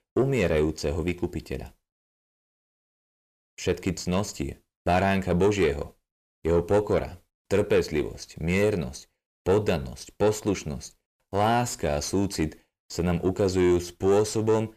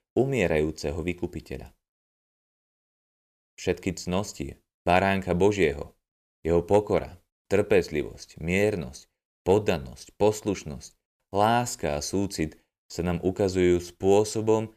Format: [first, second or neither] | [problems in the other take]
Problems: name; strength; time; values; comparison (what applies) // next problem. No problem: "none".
second | distortion; slight; 10 dB below the speech